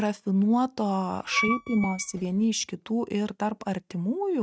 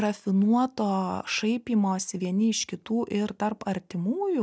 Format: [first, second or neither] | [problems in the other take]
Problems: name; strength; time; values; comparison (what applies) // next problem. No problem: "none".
second | noise reduction (neural mask model RNNoise)